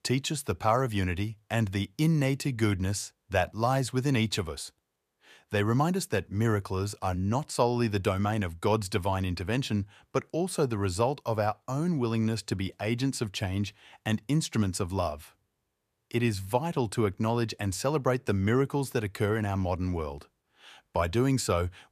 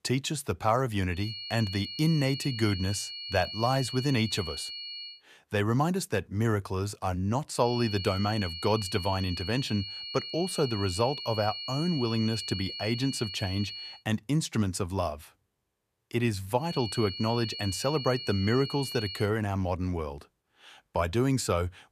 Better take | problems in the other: first | high-pitched whine; loud; from 1 to 5 s, from 7.5 to 14 s and from 17 to 19 s; 4.5 kHz, 7 dB below the speech

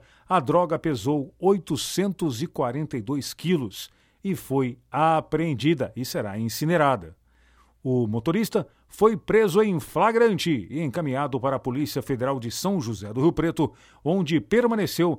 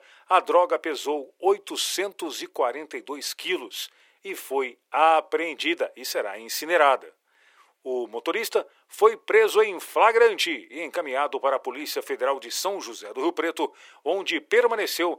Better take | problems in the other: first | thin; very; fading below 400 Hz

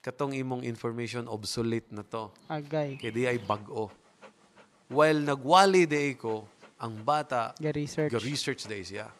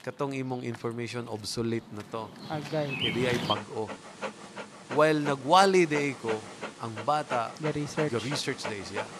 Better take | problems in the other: first | animal sounds; loud; throughout; 8 dB below the speech; faint in the first

